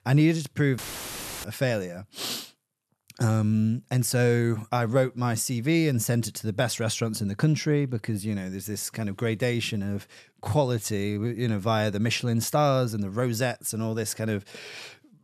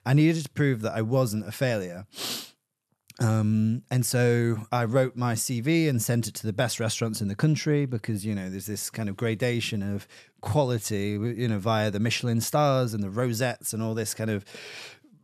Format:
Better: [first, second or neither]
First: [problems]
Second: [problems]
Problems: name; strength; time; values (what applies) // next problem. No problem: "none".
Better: second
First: audio cutting out; filled with static; at 1 s for 0.5 s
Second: none